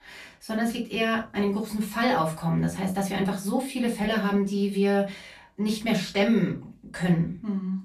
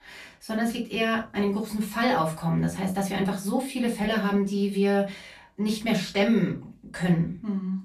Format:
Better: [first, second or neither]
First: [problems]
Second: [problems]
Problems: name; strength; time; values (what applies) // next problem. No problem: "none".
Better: neither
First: off-mic speech; far // room echo; slight; dies away in 0.2 s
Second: off-mic speech; far // room echo; slight; dies away in 0.2 s